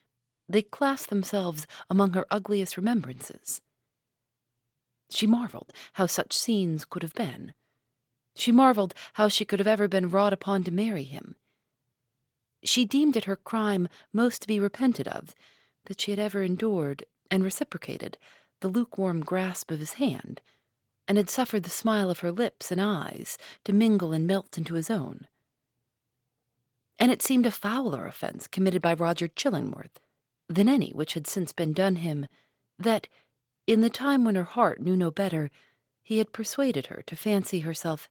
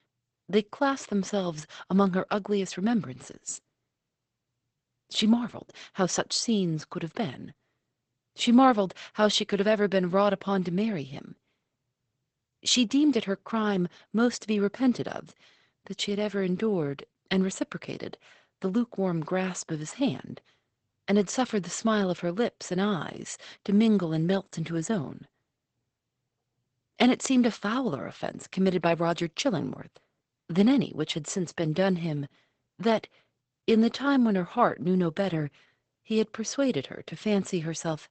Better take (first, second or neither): first